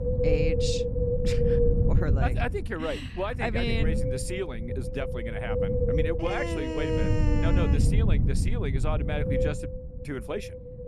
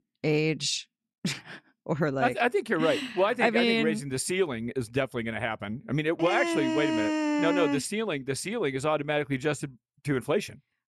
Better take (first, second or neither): second